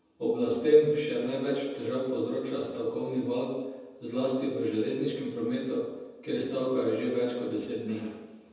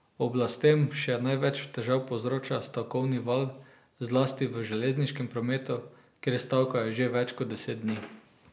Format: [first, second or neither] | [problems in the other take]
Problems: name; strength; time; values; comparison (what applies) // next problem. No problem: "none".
second | room echo; dies away in 1.1 s